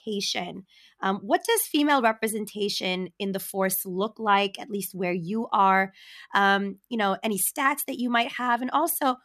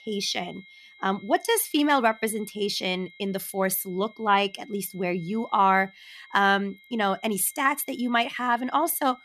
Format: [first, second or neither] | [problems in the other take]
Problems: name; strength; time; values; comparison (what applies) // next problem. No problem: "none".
first | high-pitched whine; faint; throughout; 2 kHz, 25 dB below the speech